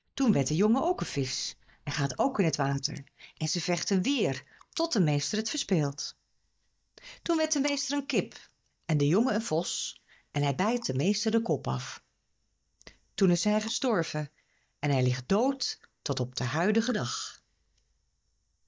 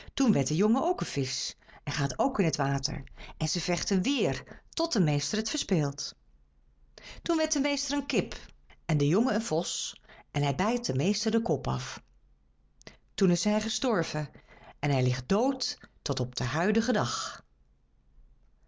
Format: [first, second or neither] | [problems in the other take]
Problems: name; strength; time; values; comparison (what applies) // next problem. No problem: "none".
second | noise reduction (neural mask model DeepFilterNet 3)